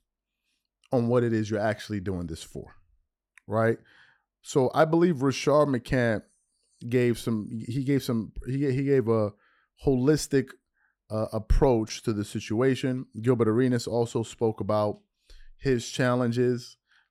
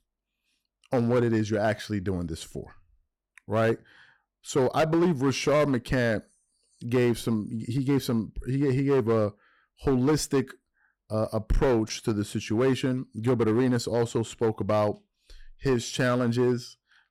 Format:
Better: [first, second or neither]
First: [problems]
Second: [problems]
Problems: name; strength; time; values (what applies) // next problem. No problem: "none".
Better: first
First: none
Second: distortion; slight; 6% of the sound clipped